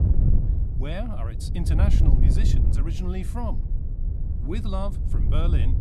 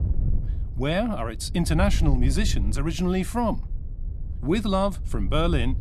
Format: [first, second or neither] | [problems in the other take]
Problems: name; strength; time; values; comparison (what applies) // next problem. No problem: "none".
second | wind noise on the microphone; heavy; 4 dB below the speech; occasional gusts in the second